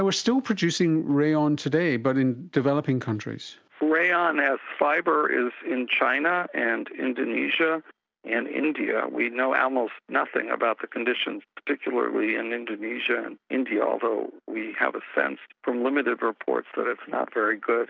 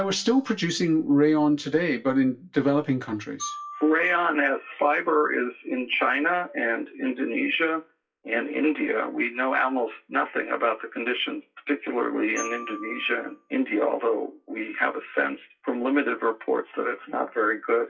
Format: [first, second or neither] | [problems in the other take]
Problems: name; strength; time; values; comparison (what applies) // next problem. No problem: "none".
first | noise reduction (classical method WPE with log-MMSE)